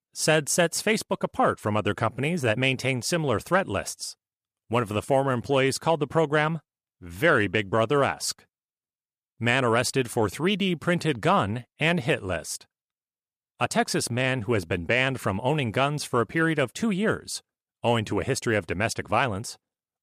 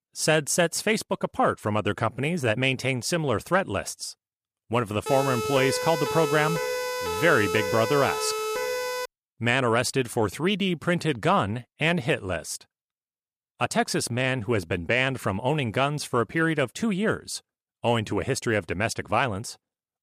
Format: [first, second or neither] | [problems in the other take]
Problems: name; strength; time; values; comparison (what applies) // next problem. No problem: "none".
first | siren; noticeable; from 5 to 9 s; peak 3 dB below the speech